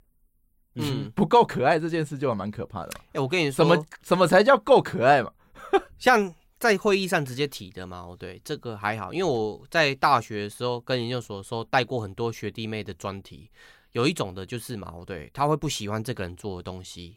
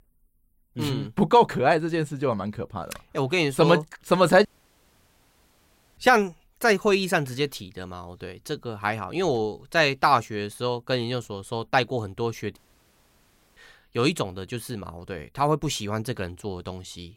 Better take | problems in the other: first | audio cutting out; at 4.5 s for 1.5 s and at 13 s for 1 s

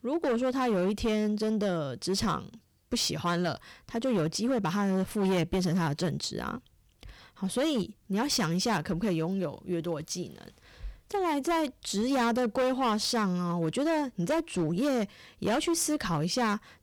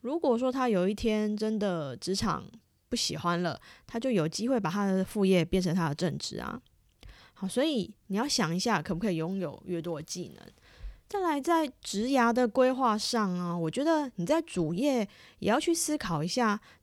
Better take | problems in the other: second | distortion; slight; 12% of the sound clipped

